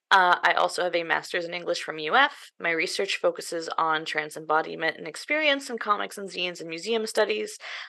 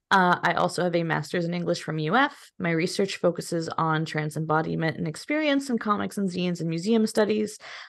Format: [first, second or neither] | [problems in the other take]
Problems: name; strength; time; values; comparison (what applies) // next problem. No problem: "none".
second | thin; very; fading below 550 Hz